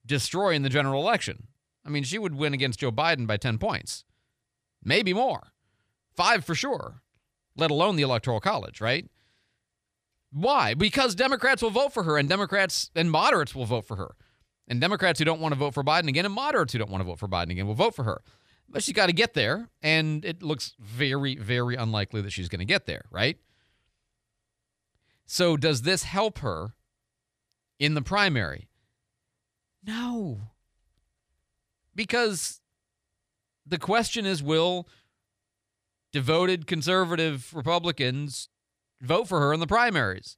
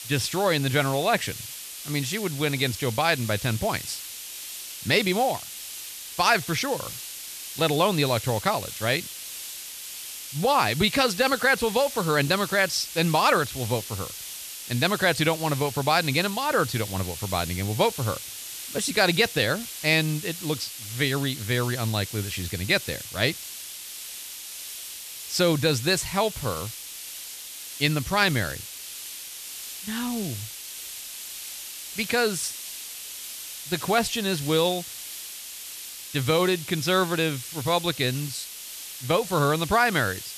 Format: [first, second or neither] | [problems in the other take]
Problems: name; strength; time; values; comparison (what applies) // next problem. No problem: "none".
first | hiss; noticeable; throughout; 10 dB below the speech